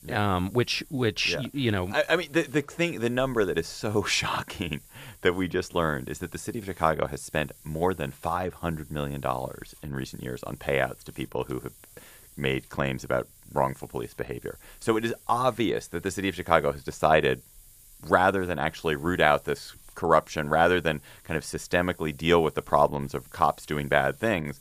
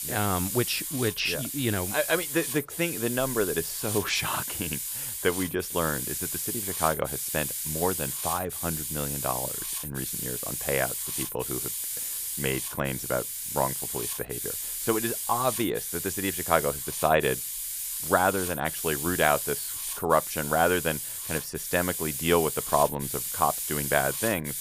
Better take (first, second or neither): first